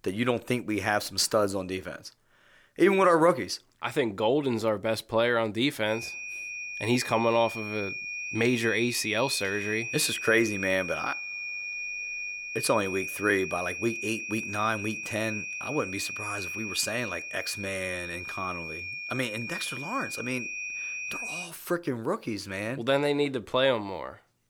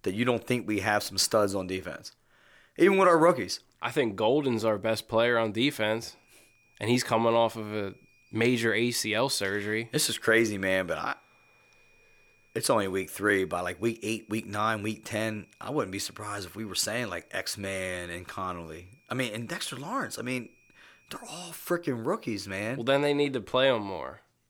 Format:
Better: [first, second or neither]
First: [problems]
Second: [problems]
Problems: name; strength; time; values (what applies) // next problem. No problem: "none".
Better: second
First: high-pitched whine; loud; from 6 to 21 s; 2.5 kHz, 6 dB below the speech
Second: high-pitched whine; faint; from 6 to 21 s; 2.5 kHz, 35 dB below the speech